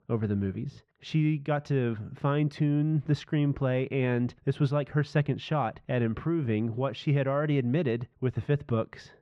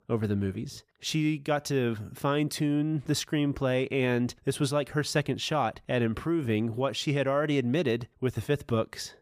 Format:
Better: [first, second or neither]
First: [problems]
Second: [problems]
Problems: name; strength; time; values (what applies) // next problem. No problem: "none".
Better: second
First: muffled; slightly; fading above 2.5 kHz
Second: none